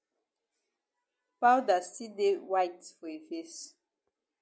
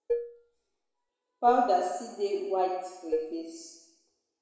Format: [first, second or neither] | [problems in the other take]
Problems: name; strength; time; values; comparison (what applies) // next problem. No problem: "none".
first | background sound (Dishes, pots, and pans); 5 dB below the speech // room echo; dies away in 1 s